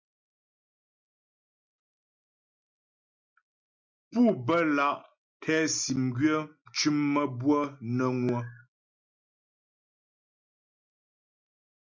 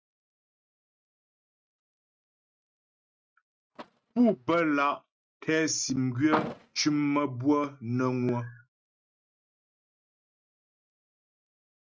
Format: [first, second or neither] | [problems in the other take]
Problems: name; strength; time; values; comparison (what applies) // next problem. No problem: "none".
first | noise reduction (neural mask model RNNoise)